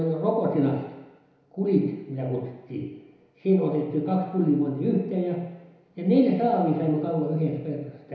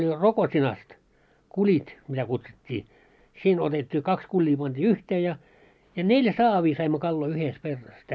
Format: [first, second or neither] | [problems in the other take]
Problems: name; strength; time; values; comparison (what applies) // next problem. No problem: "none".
second | room echo; dies away in 1 s